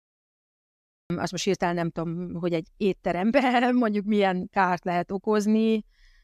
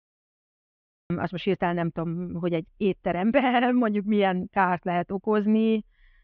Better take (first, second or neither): first